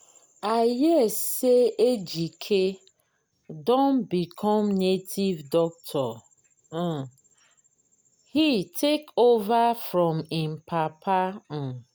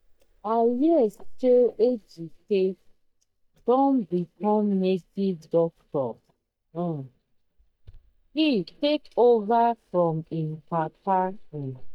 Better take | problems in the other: first | noise reduction (neural mask model DeepFilterNet 3)

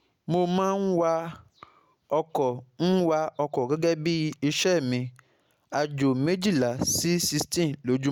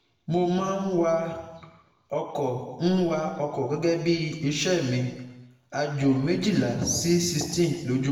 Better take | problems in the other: first | room echo; dies away in 1.2 s

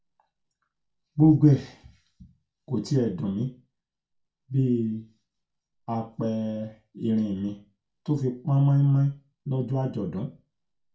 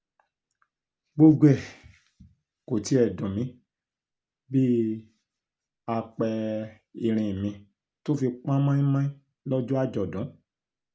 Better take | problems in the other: second | room echo; dies away in 0.2 s

